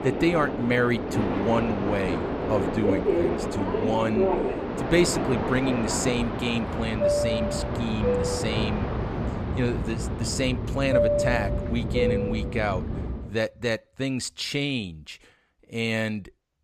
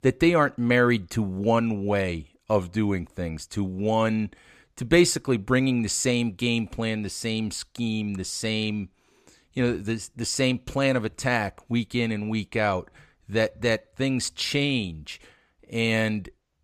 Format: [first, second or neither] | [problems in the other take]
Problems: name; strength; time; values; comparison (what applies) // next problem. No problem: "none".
second | train or aircraft noise; very loud; until 13 s; as loud as the speech